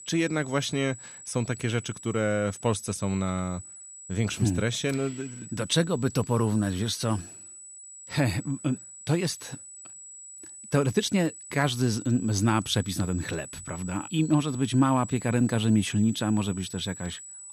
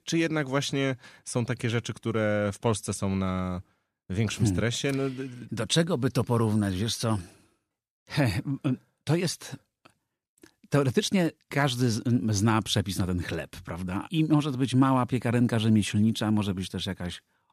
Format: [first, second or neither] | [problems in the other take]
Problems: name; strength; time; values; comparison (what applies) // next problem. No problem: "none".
second | high-pitched whine; noticeable; throughout; 8 kHz, 15 dB below the speech